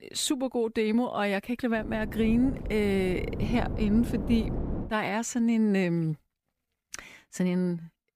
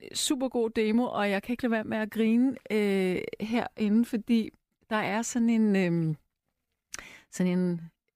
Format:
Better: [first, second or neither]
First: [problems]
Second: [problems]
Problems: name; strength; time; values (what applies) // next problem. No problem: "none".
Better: second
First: wind noise on the microphone; occasional gusts; from 2 to 5 s; 10 dB below the speech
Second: none